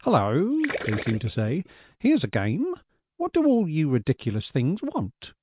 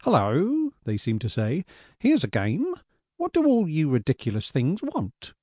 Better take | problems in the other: second | background sound (Gurgling); 12 dB below the speech

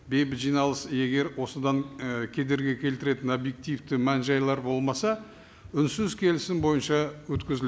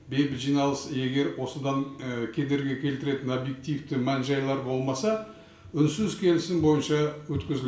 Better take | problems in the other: first | room echo; dies away in 0.5 s

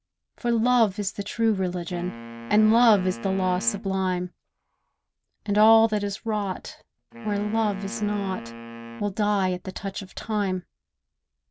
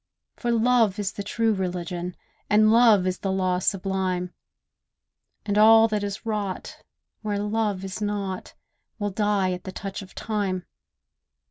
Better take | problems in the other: second | background sound (Wind instrument, woodwind instrument); 14 dB below the speech

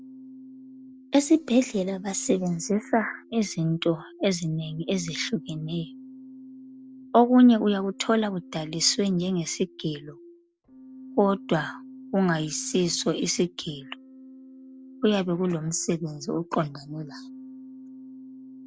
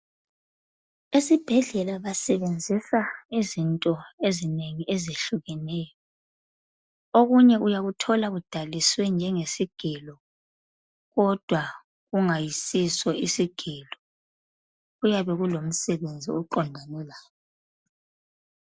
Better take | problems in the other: second | background sound (Keyboard (musical)); 19 dB below the speech

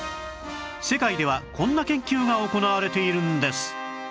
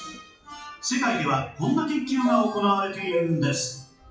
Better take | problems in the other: first | noise reduction (classical method WPE with log-MMSE)

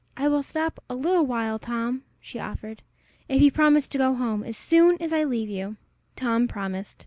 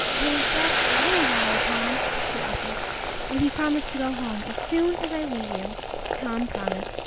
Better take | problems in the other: first | background sound (Boiling); 2 dB above the speech

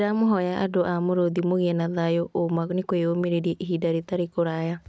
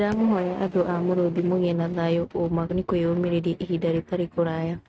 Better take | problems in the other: first | noise reduction (neural mask model RNNoise)

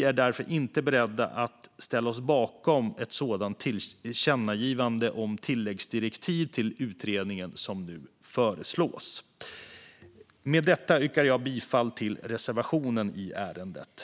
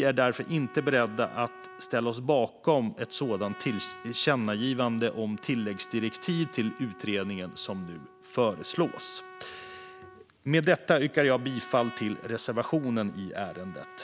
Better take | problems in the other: first | background sound (Trumpet); 19 dB below the speech

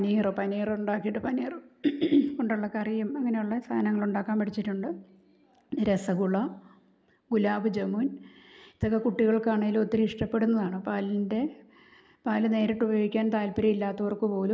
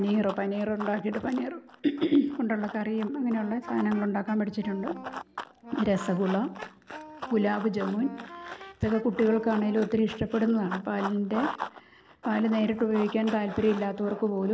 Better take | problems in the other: first | background sound (Run + Wind instrument, woodwind instrument); 13 dB below the speech

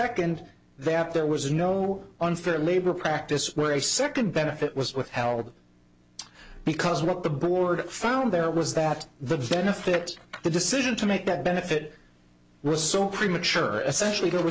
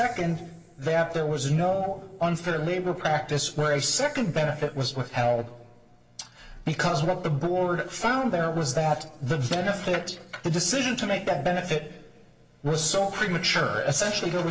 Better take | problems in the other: first | room echo; dies away in 1.3 s

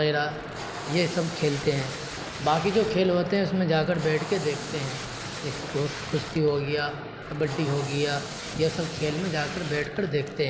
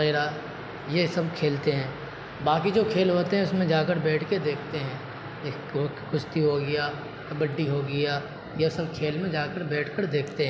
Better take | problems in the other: second | background sound (Packing tape, duct tape); 12 dB below the speech

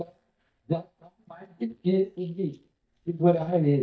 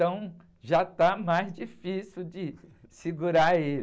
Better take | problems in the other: second | noise reduction (neural mask model DeepFilterNet 3)

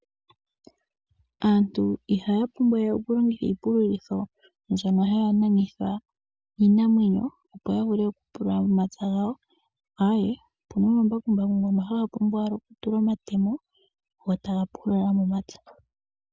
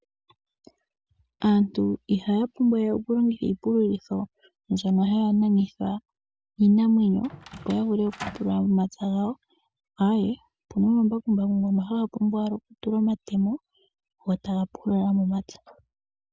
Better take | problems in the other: first | background sound (Door); 15 dB below the speech

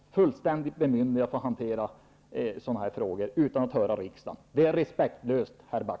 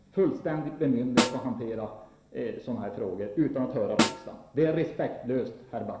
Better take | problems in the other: first | background sound (Snare drum); 2 dB below the speech // room echo; dies away in 0.9 s

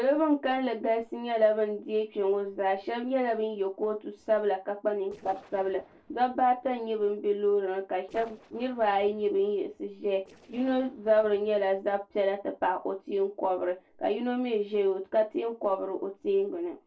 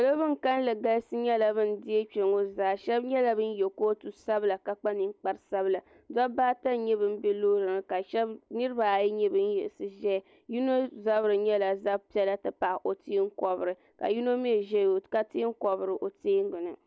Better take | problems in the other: second | noise reduction (neural separator model SepFormer DNS4)

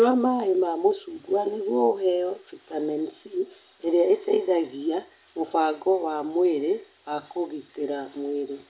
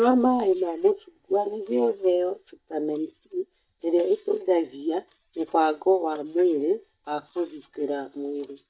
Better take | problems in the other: first | noise reduction (neural mask model DeepFilterNet 3)

